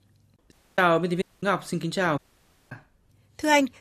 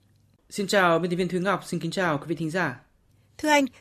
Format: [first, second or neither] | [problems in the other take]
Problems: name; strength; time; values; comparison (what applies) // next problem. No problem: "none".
second | audio cutting out; at 0.5 s, at 1 s and at 2 s for 0.5 s